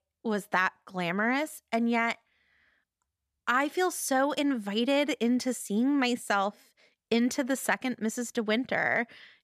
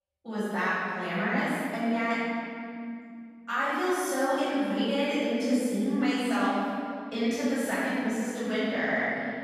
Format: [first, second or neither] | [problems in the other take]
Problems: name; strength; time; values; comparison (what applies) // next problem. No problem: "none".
first | off-mic speech; far // room echo; strong; dies away in 2.3 s